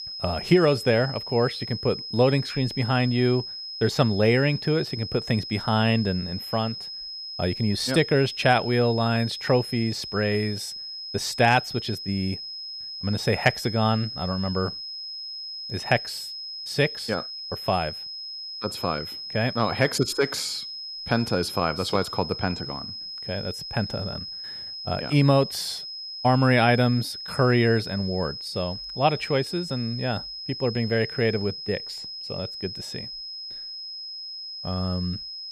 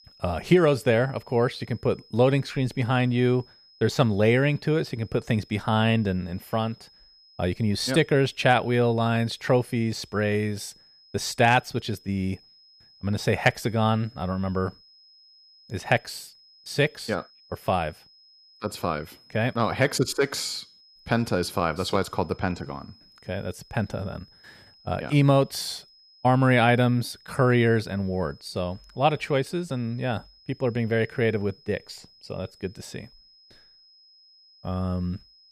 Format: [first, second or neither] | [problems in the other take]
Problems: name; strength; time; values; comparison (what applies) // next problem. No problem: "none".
second | high-pitched whine; loud; throughout; 5 kHz, 8 dB below the speech; faint in the second